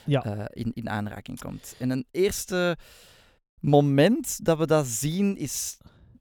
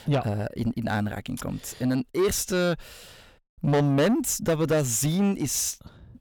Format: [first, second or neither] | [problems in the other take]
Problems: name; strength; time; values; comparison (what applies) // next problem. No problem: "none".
first | distortion; heavy; 7 dB below the speech